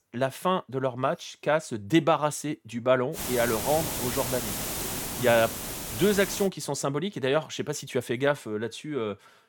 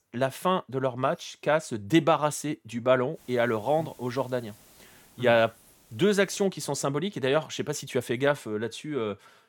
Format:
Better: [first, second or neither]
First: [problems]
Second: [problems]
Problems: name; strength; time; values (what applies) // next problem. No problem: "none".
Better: second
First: hiss; loud; from 3 to 6.5 s; 4 dB below the speech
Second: hiss; faint; from 3 to 6.5 s; 25 dB below the speech